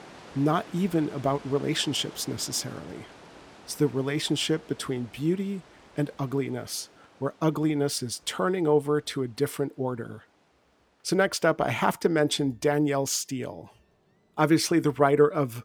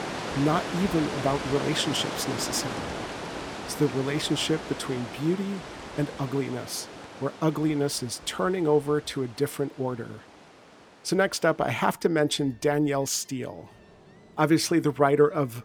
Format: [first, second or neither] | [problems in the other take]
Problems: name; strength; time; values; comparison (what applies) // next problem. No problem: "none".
first | rain or running water; loud; throughout; 9 dB below the speech; faint in the first